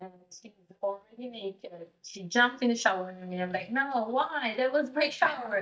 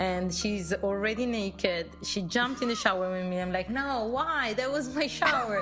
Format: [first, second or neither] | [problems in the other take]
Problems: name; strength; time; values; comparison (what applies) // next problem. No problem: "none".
second | noise reduction (neural mask model DeepFilterNet 3)